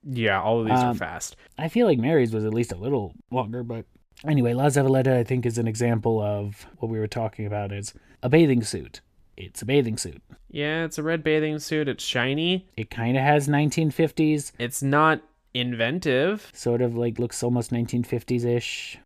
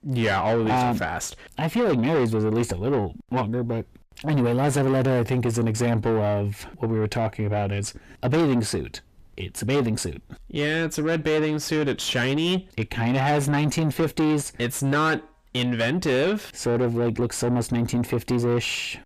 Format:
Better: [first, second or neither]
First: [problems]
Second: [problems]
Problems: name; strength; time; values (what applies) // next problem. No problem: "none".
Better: first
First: none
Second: distortion; heavy; 7 dB below the speech